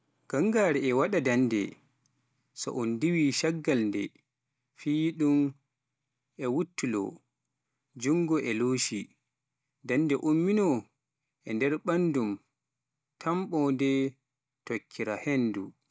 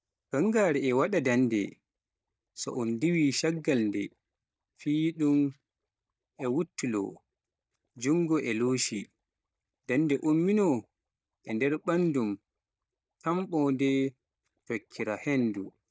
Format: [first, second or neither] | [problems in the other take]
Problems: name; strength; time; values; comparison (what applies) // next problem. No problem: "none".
first | noise reduction (neural mask model DeepFilterNet 3)